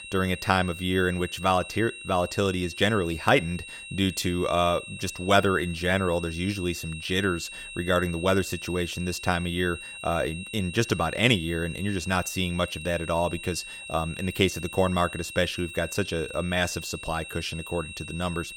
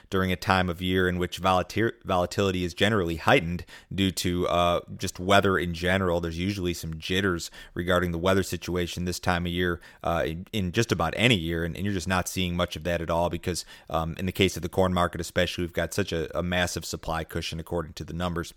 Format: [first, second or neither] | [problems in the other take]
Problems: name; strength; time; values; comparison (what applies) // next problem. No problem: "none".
second | high-pitched whine; noticeable; throughout; 2.5 kHz, 10 dB below the speech